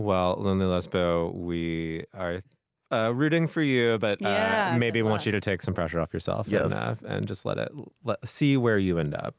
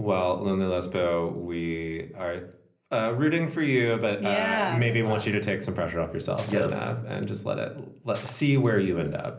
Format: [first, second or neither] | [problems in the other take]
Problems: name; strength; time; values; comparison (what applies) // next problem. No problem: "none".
first | background sound (Shatter); 20 dB below the speech // room echo; dies away in 0.5 s